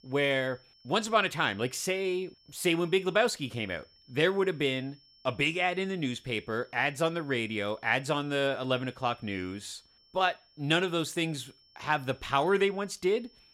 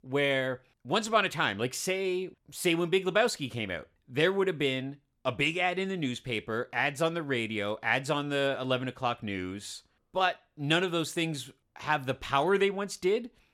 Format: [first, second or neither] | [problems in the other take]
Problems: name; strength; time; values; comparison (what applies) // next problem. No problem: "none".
second | high-pitched whine; faint; throughout; 5.5 kHz, 30 dB below the speech